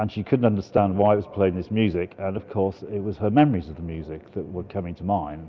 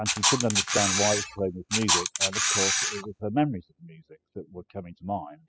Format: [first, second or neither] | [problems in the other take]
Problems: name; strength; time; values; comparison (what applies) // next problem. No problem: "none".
first | noise reduction (classical method spectral subtraction)